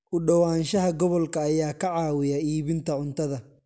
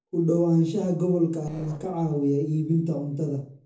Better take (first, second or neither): first